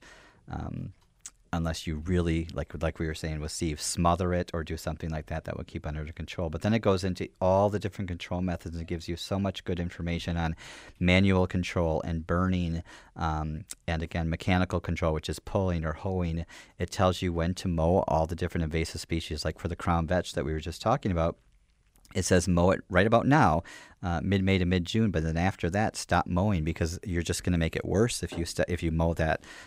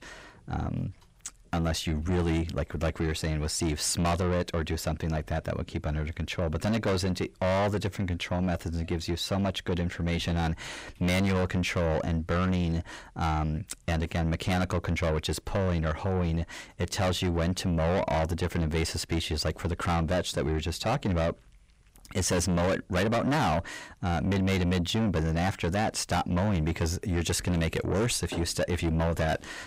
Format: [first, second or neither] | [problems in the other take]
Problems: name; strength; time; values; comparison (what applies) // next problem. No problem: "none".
first | distortion; heavy; 6 dB below the speech